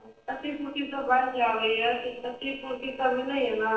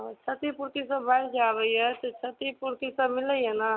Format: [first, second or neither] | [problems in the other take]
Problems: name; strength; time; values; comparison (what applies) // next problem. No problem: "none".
second | noise reduction (neural separator model SepFormer DNS4)